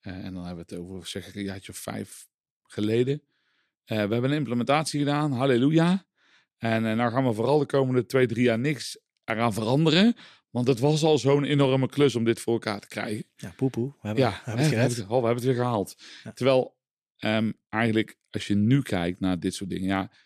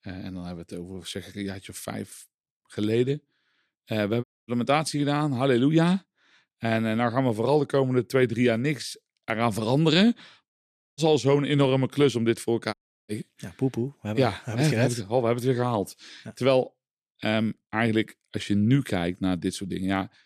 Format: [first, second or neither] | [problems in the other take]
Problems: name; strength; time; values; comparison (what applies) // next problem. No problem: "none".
first | audio cutting out; at 4 s, at 11 s and at 13 s